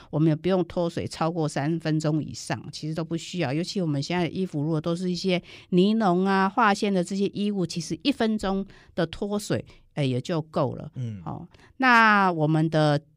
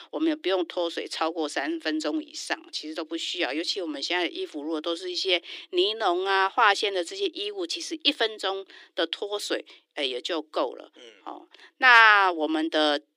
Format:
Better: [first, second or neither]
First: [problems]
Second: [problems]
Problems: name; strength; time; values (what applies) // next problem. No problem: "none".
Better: first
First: none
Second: thin; very; fading below 300 Hz